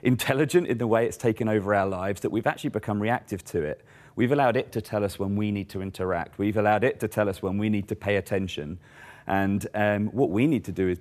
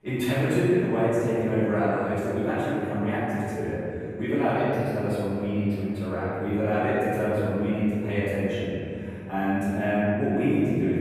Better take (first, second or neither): first